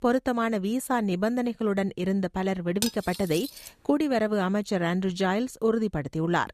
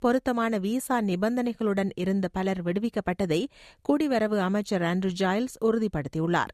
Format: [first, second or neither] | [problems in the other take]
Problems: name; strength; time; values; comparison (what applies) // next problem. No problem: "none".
second | clattering dishes; noticeable; at 3 s; peak 5 dB below the speech